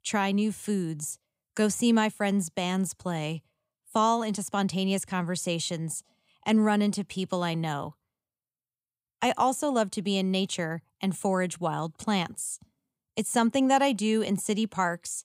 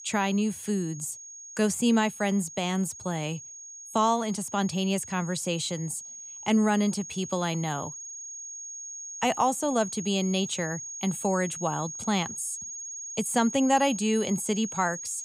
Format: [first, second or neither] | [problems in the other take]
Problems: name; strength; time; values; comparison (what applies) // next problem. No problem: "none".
first | high-pitched whine; loud; throughout; 6.5 kHz, 10 dB below the speech